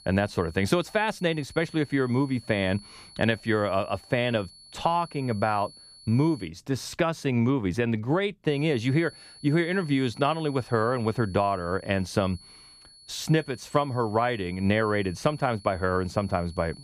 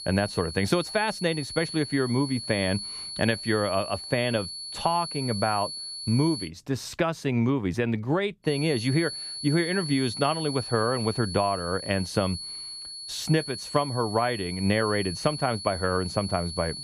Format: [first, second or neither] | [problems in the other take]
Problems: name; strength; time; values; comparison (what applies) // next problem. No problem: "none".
first | high-pitched whine; loud; until 6.5 s and from 8.5 s on; 4.5 kHz, 8 dB below the speech; faint in the first